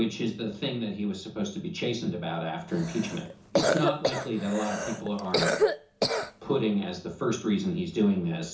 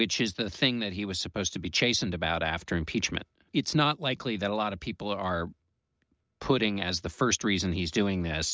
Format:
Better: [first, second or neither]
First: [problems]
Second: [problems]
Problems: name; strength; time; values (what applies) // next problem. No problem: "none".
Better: second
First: background sound (Cough); as loud as the speech // room echo; dies away in 0.6 s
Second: none